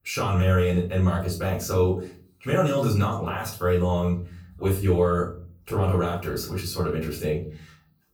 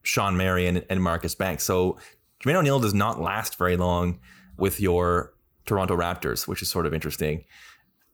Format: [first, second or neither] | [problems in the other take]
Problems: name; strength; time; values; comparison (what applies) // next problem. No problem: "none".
second | room echo; slight; dies away in 0.5 s // off-mic speech; far